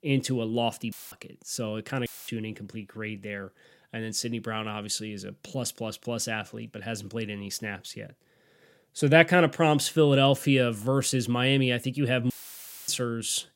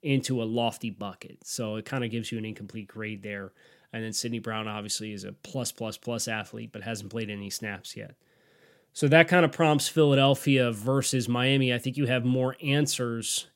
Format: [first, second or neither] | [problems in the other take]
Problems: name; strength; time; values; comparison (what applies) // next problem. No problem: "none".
second | audio cutting out; filled with static; at 1 s, at 2 s and at 12 s for 0.5 s